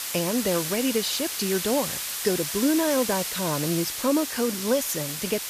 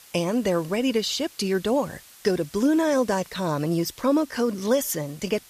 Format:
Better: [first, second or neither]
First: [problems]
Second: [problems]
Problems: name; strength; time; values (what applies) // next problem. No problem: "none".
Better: second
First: hiss; loud; throughout; 3 dB below the speech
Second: hiss; faint; throughout; 20 dB below the speech